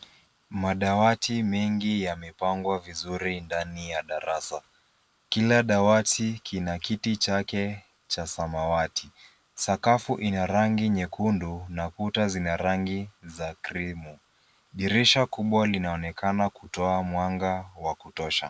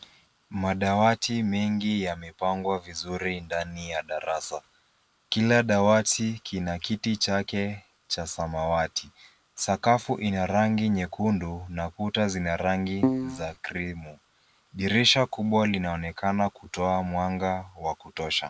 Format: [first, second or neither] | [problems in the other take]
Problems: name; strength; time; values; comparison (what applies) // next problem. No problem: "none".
first | background sound (Keyboard (musical)); as loud as the speech